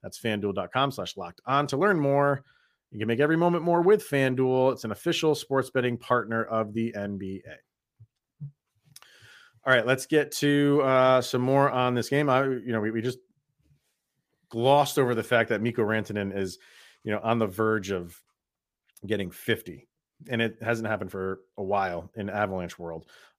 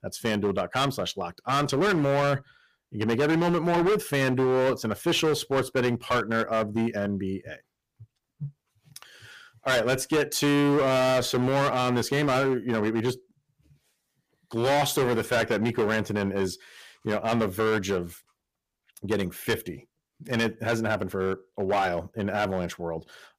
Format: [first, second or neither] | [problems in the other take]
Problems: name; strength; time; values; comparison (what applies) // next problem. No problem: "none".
first | distortion; heavy; 13% of the sound clipped